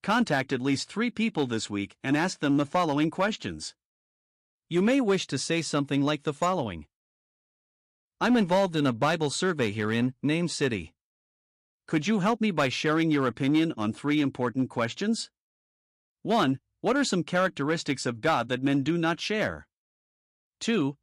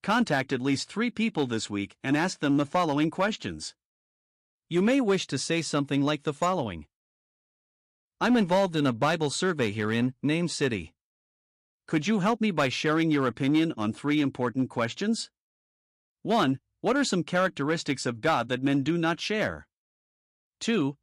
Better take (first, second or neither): neither